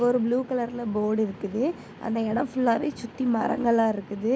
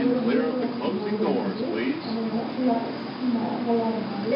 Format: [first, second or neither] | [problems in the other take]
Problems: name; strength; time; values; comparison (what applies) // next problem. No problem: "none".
first | background sound (Subway, metro, underground); 2 dB below the speech // room echo; dies away in 1 s